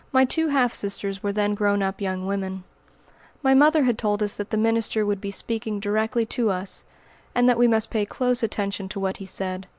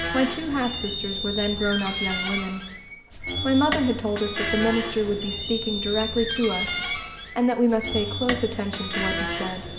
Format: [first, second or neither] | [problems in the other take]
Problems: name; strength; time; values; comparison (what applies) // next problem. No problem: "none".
first | background sound (Squeak); 4 dB below the speech // room echo; dies away in 0.8 s